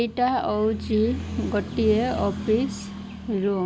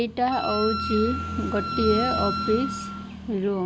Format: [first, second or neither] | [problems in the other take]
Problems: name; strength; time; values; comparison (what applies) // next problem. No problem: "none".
first | background sound (Wind instrument, woodwind instrument); 6 dB below the speech